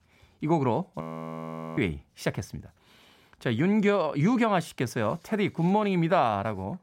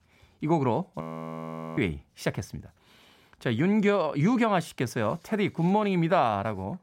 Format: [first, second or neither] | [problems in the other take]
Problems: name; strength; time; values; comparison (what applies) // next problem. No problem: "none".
neither | audio freezing; at 1 s for 1 s; the same in both